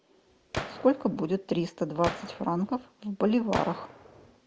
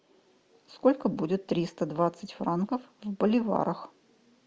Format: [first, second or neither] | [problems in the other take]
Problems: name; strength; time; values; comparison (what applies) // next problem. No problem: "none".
second | background sound (Gunshot, gunfire); 11 dB below the speech